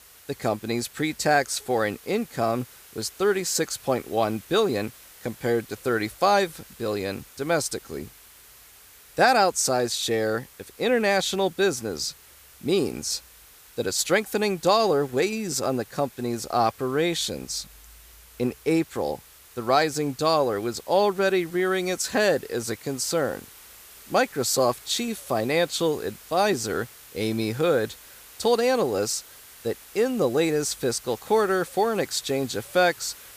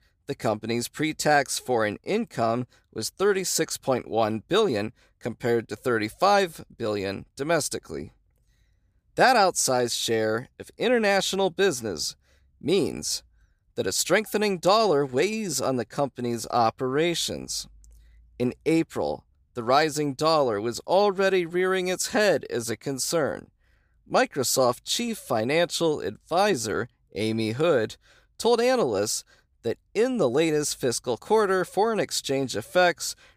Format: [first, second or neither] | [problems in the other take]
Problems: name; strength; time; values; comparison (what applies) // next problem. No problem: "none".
second | hiss; faint; throughout; 20 dB below the speech